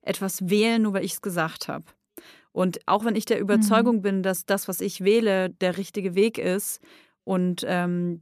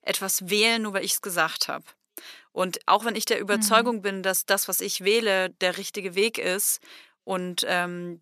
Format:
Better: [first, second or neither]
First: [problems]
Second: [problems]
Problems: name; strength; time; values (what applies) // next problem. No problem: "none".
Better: first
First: none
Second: thin; somewhat; fading below 1 kHz